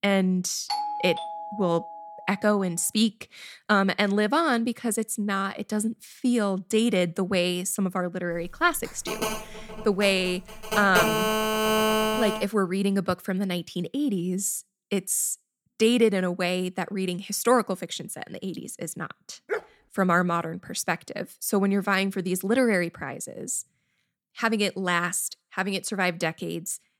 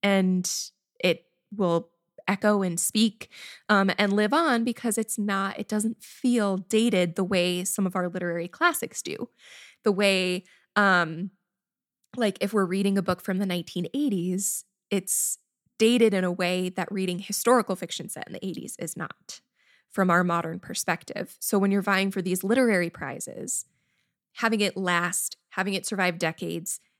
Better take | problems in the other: second | doorbell; noticeable; from 0.5 to 2.5 s; peak 3 dB below the speech // phone ringing; loud; from 8.5 to 12 s; peak 4 dB above the speech // dog barking; noticeable; at 19 s; peak 7 dB below the speech

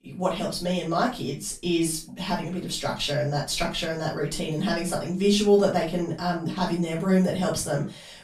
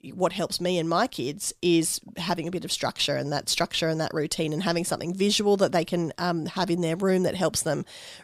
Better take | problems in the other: second | off-mic speech; far // room echo; slight; dies away in 0.3 s

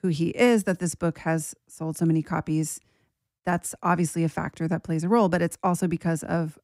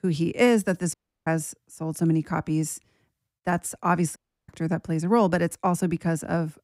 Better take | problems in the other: first | audio cutting out; at 1 s and at 4 s

